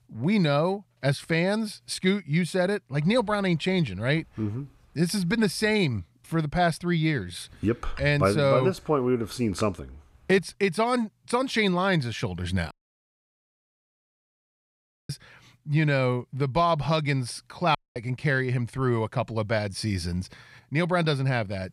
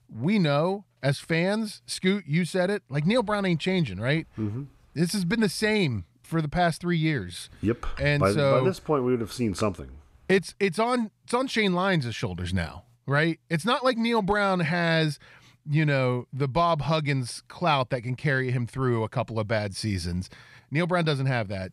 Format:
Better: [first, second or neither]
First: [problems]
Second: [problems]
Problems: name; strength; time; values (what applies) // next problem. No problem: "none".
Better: second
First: audio cutting out; at 13 s for 2.5 s and at 18 s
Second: none